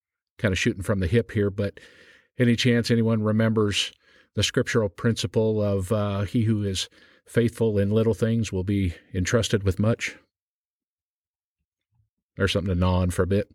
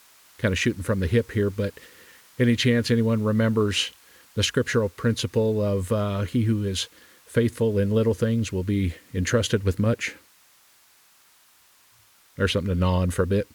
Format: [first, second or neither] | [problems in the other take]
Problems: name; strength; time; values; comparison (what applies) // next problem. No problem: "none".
first | hiss; faint; throughout; 30 dB below the speech